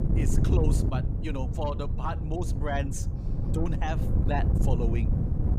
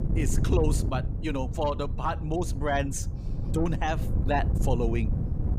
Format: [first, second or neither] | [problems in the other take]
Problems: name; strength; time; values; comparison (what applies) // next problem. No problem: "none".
second | wind noise on the microphone; heavy; 5 dB below the speech; occasional gusts in the second